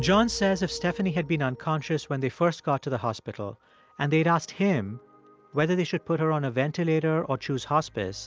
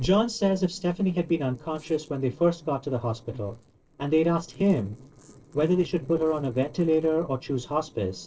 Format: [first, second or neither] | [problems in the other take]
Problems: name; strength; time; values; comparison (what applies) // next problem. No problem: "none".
first | noise reduction (neural separator model SepFormer DNS4)